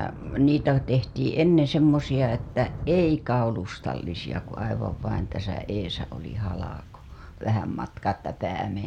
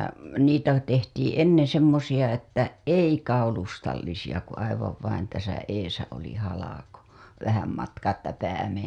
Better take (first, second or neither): second